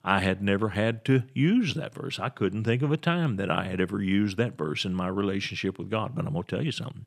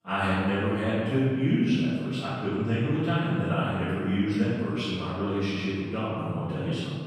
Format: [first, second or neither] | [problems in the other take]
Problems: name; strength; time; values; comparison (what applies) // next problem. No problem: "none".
first | off-mic speech; far // room echo; strong; dies away in 1.6 s